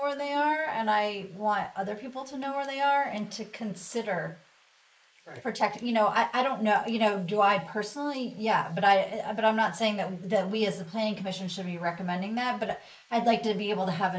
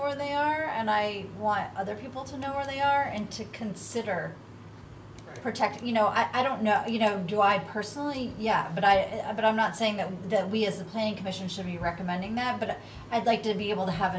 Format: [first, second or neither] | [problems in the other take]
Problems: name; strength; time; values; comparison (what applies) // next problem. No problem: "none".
second | noise reduction (neural mask model Resemble Enhance denoiser)